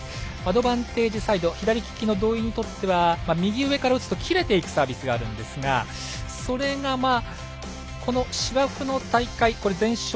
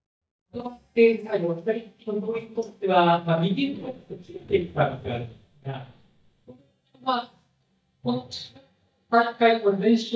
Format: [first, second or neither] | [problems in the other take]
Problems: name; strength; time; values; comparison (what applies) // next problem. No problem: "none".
first | noise reduction (neural mask model DeepFilterNet 3)